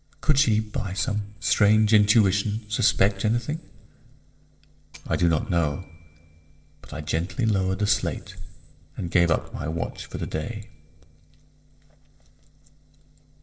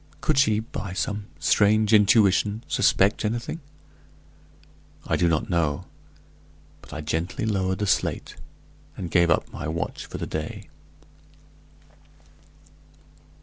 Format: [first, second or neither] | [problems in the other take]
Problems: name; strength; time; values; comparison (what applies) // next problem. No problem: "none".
second | noise reduction (neural separator model SepFormer DNS4)